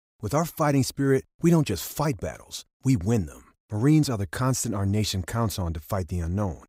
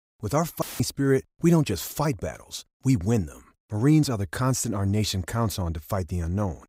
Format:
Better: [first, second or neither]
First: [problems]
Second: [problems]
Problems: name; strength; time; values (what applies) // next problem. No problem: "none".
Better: first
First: none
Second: audio cutting out; filled with static; at 0.5 s